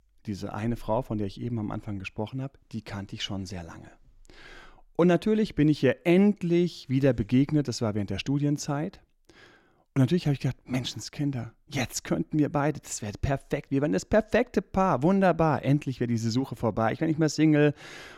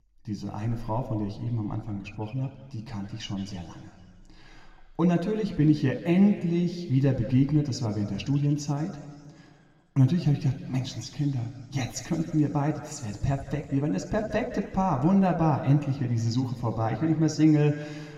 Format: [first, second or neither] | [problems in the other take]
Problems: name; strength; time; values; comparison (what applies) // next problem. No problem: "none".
first | room echo; slight; dies away in 1.8 s